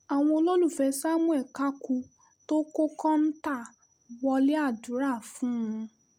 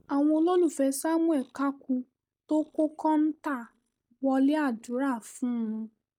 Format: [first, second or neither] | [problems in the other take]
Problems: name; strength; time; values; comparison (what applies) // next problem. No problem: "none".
first | noise reduction (neural mask model DeepFilterNet 3)